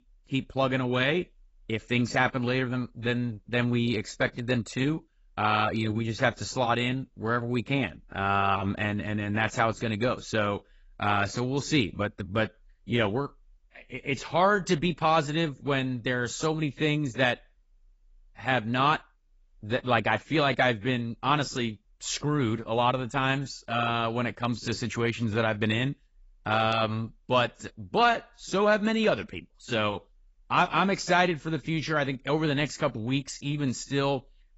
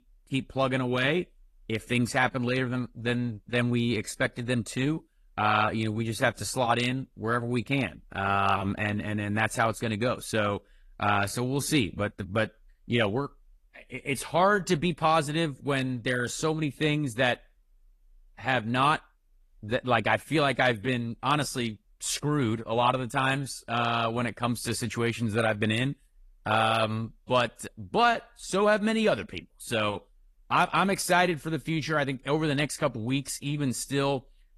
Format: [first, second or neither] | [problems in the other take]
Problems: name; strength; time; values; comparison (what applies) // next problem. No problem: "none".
second | garbled, watery; badly; nothing above 7.5 kHz; slightly in the second